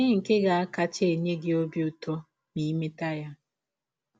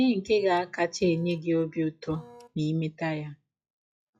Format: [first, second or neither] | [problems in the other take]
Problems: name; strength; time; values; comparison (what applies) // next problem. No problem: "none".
first | noise reduction (classical method log-MMSE)